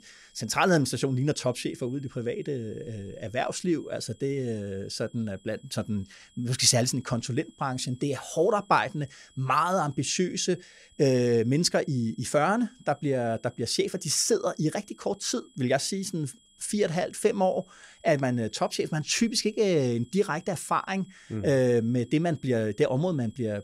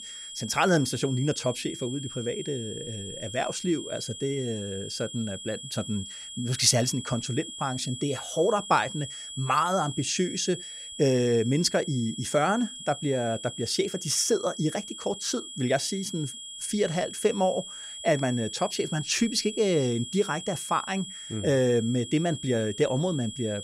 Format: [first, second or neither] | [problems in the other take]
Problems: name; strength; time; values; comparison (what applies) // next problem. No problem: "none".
first | high-pitched whine; loud; throughout; 3.5 kHz, 10 dB below the speech; faint in the first